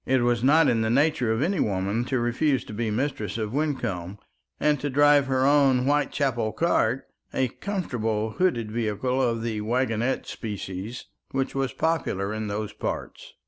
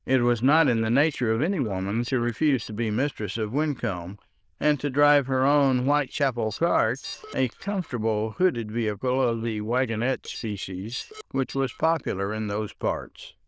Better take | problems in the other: first | noise reduction (neural diffusion model UNIVERSE++)

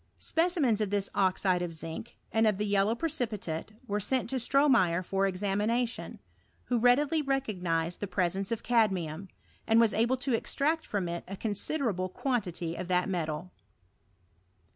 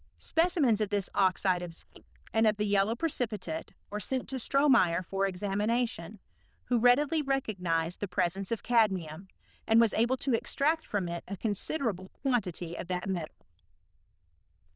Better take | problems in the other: first | noise reduction (neural diffusion model UNIVERSE++)

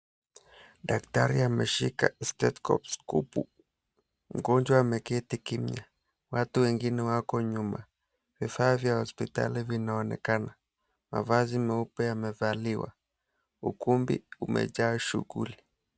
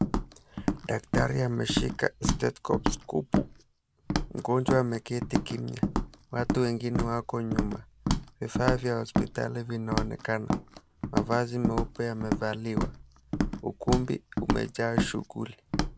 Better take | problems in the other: first | background sound (Walk, footsteps); as loud as the speech

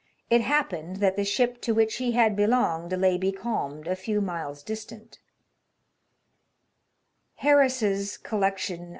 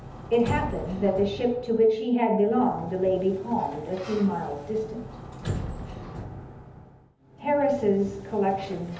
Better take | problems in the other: first | background sound (Sliding door); 11 dB below the speech // room echo; dies away in 0.8 s

